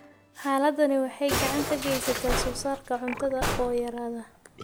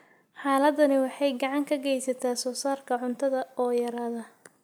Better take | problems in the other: second | background sound (Musical instrument); 5 dB below the speech

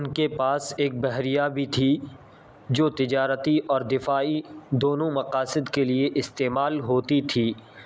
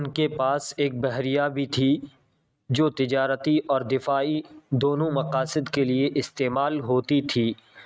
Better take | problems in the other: first | noise reduction (neural mask model RNNoise)

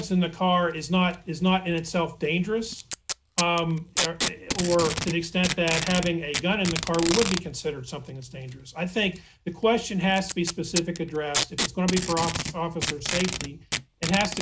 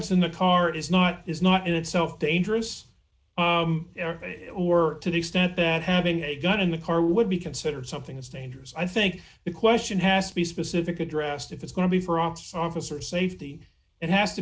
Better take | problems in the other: second | background sound (Packing tape, duct tape); 6 dB below the speech

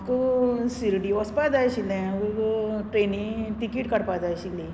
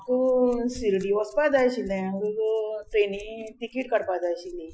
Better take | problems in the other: first | noise reduction (classical method Wiener filter)

